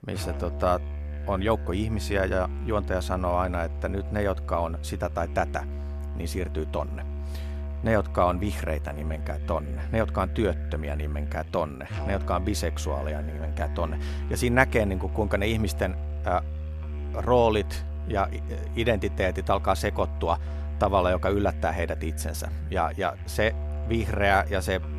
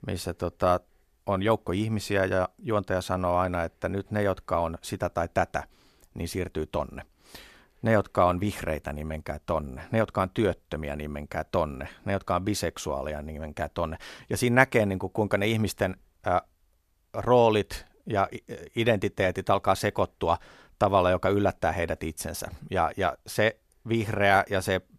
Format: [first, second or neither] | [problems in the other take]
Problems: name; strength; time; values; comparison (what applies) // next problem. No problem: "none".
second | background music; loud; throughout; 6 dB below the speech